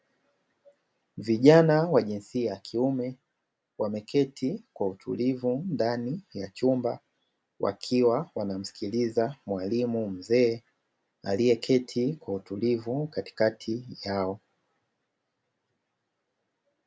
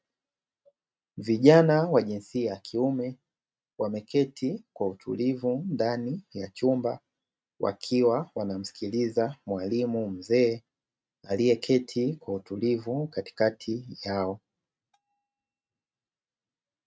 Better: first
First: none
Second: noise reduction (neural mask model RNNoise)

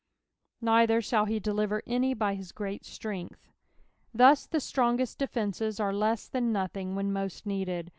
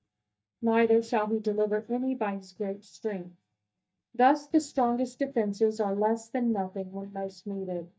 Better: first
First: none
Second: noise reduction (neural mask model DeepFilterNet 3)

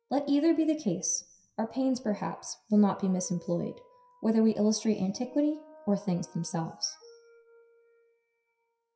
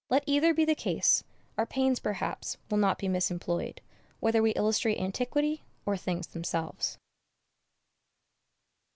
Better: second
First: noise reduction (classical method WPE with log-MMSE)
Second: none

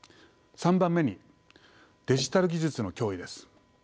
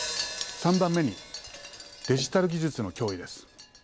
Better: first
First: none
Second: background sound (Wind chime + Hi-hat); 10 dB below the speech

